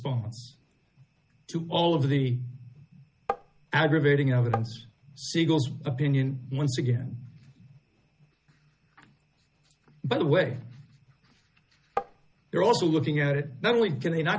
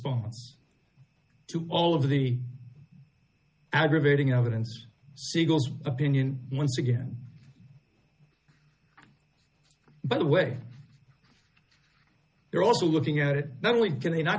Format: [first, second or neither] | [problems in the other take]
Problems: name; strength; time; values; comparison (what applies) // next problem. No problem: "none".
second | background sound (Tap); 5 dB below the speech